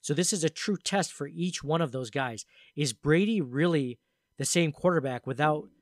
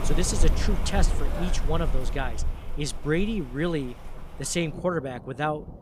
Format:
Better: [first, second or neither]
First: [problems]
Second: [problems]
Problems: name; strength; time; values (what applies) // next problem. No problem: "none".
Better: first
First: none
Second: rain or running water; loud; throughout; 2 dB below the speech